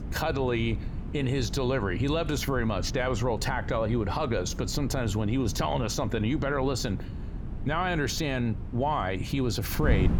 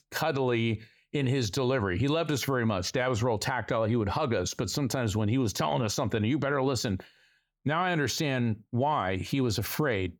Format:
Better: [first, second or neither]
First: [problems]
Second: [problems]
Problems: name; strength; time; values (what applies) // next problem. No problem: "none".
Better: second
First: wind noise on the microphone; occasional gusts; 15 dB below the speech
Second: none